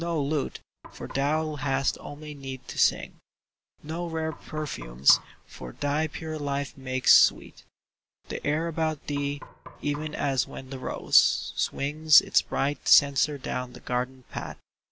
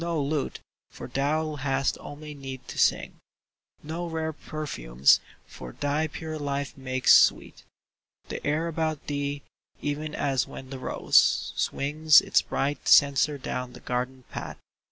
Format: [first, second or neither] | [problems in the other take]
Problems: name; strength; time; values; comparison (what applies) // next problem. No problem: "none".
second | background sound (Knock); 18 dB below the speech